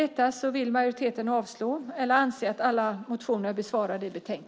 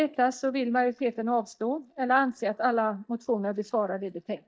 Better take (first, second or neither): first